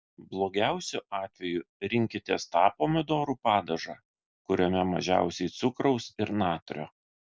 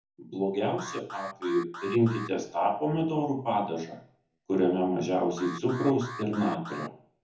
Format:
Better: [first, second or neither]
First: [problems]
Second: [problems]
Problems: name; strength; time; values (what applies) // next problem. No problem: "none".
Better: first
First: none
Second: background sound (Alarm); 12 dB below the speech // room echo; dies away in 0.6 s